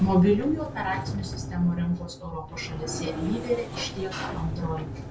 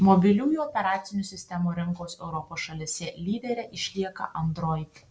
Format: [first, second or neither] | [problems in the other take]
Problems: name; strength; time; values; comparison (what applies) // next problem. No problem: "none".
second | background sound (Sliding door); 8 dB below the speech // room echo; dies away in 0.2 s